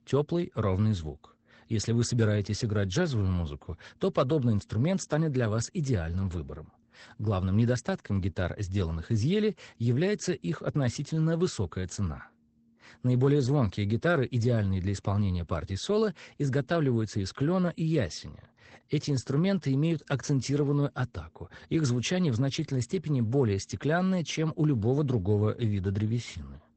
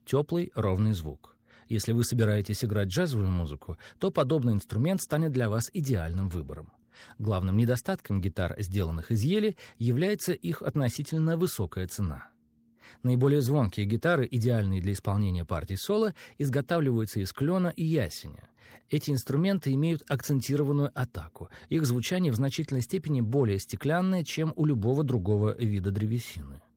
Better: second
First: garbled, watery; badly; nothing above 8 kHz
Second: garbled, watery; slightly; nothing above 16.5 kHz

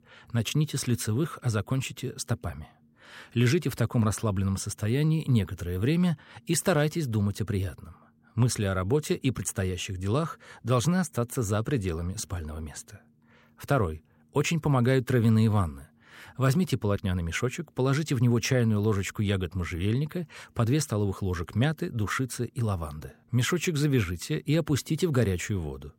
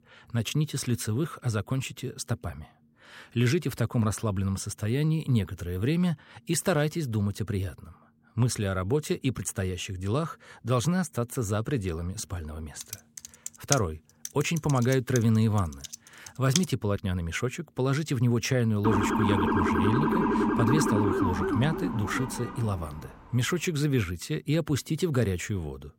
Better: first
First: none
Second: keyboard typing; noticeable; from 13 to 17 s; peak 1 dB below the speech // siren; loud; from 19 to 23 s; peak 4 dB above the speech

